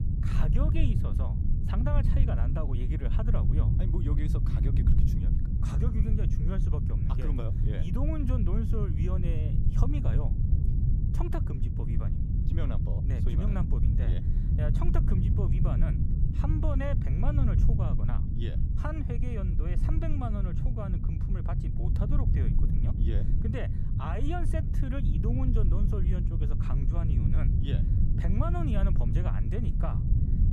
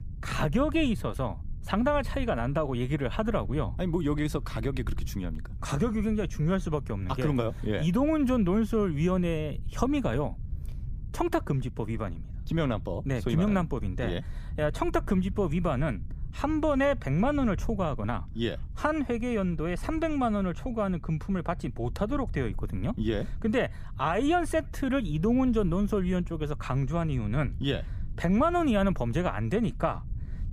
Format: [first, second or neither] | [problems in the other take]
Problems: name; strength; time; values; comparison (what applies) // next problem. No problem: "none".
second | low rumble; loud; throughout; 1 dB below the speech; faint in the second